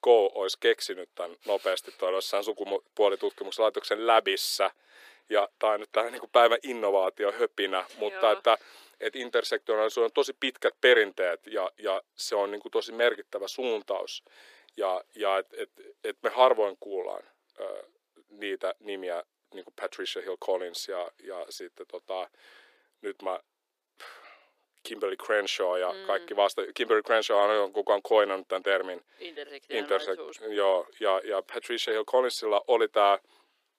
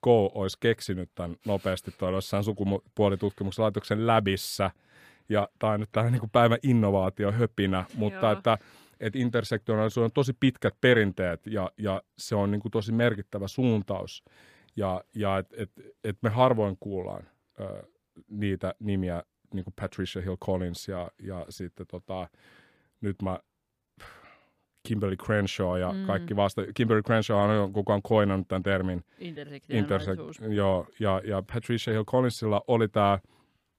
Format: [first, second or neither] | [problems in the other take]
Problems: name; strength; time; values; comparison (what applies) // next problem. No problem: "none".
second | thin; very; fading below 350 Hz